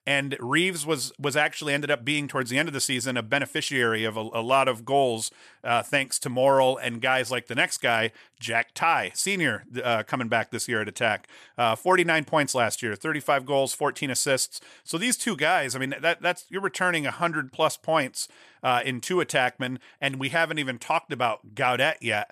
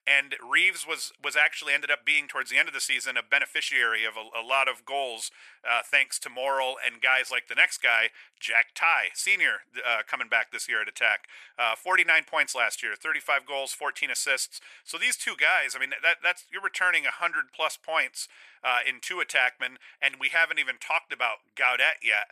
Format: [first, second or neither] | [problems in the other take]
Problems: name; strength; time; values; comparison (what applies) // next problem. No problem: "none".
first | thin; very; fading below 700 Hz